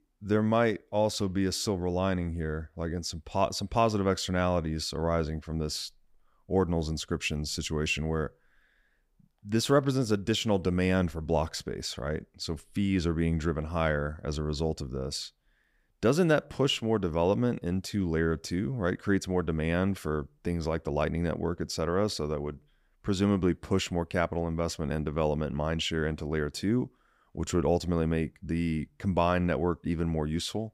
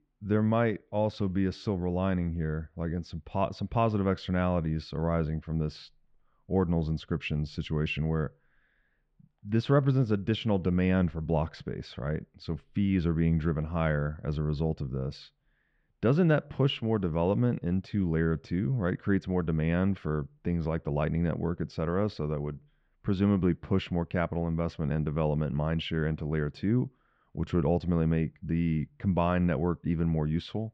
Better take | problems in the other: first | muffled; slightly; fading above 3 kHz

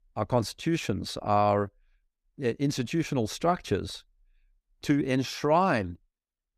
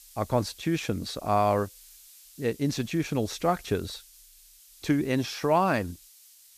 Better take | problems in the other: first | hiss; faint; throughout; 20 dB below the speech

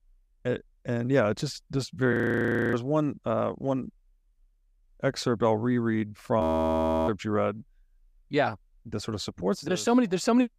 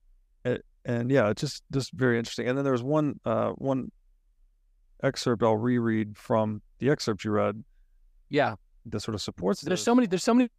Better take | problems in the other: second | audio freezing; at 2 s for 0.5 s and at 6.5 s for 0.5 s

